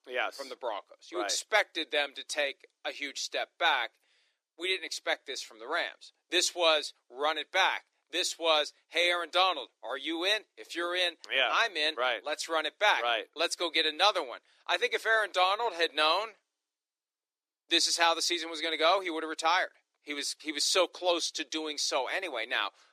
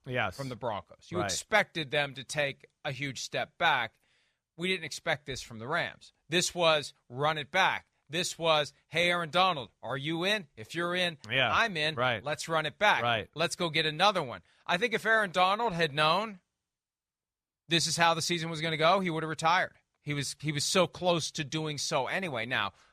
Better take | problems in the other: second | thin; very; fading below 300 Hz

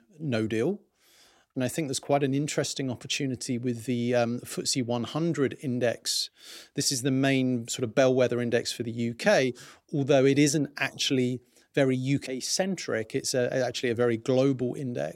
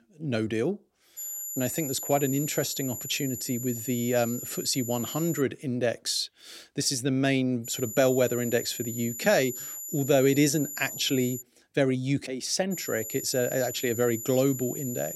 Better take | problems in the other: first | high-pitched whine; loud; from 1 to 5.5 s, from 7.5 to 11 s and from 13 s on; 7 kHz, 7 dB below the speech

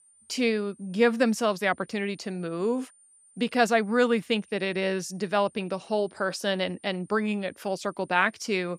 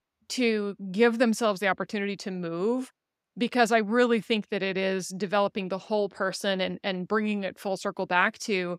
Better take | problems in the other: second | high-pitched whine; faint; throughout; 9 kHz, 30 dB below the speech

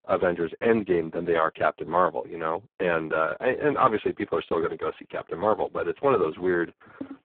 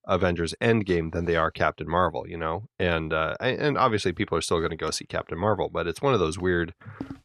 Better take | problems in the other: second | phone-call audio; poor line; nothing above 3.5 kHz

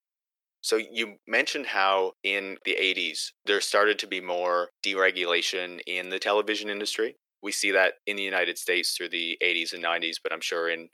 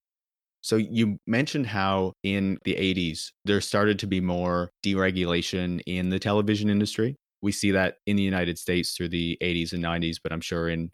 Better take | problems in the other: second | thin; very; fading below 400 Hz

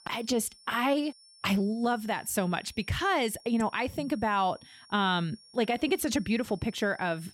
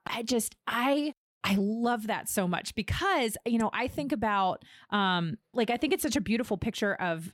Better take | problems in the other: second | high-pitched whine; faint; throughout; 5.5 kHz, 25 dB below the speech

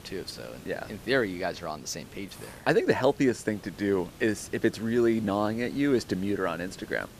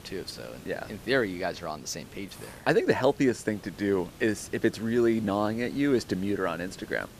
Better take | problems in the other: neither | hiss; noticeable; throughout; 20 dB below the speech; the same in both

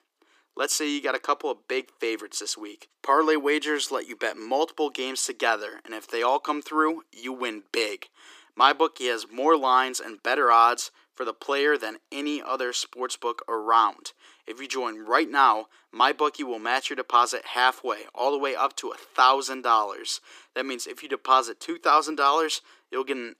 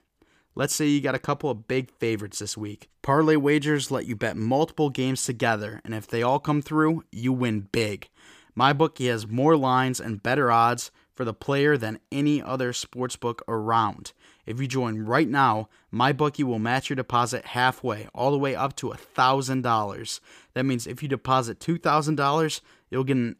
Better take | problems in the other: second | thin; somewhat; fading below 300 Hz

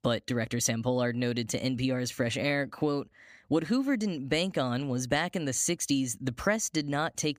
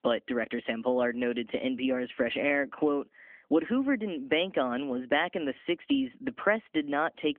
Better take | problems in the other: first | phone-call audio; nothing above 3.5 kHz

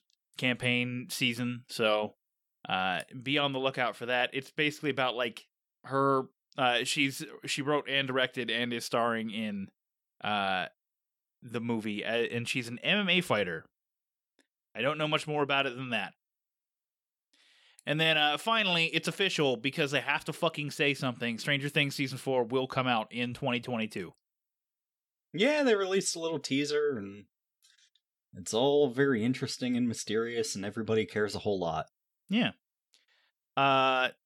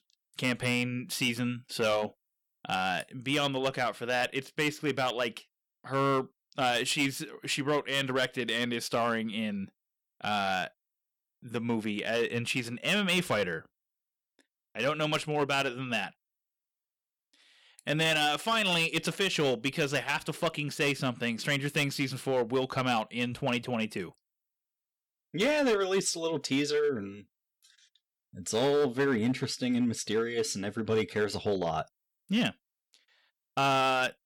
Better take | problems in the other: first | distortion; slight; 5% of the sound clipped

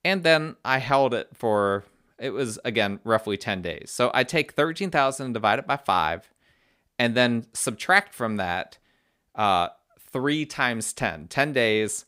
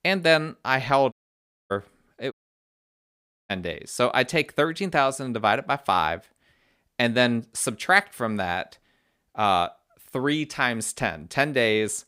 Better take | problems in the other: first | audio cutting out; at 1 s for 0.5 s and at 2.5 s for 1 s

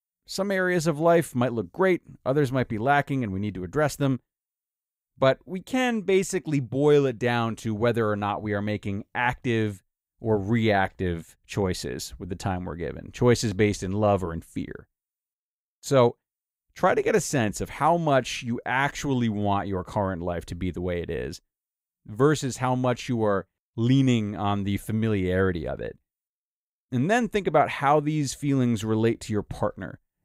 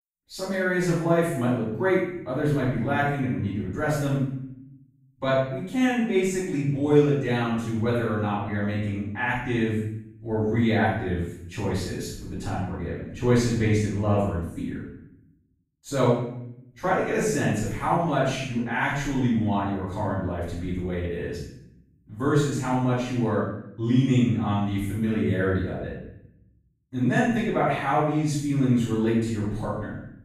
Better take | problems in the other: first | off-mic speech; far // room echo; strong; dies away in 0.7 s

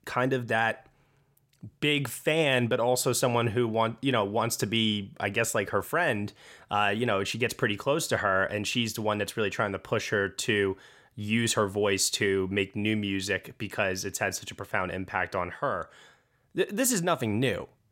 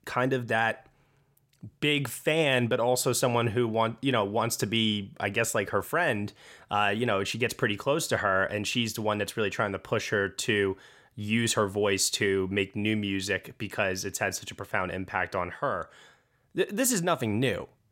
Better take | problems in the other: neither | none

